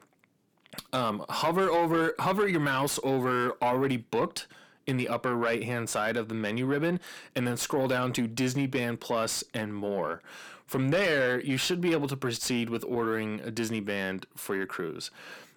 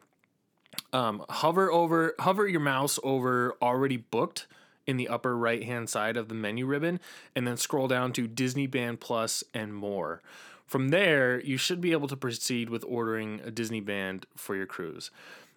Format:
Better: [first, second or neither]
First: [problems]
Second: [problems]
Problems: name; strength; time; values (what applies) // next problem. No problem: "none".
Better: second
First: distortion; slight; 10 dB below the speech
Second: none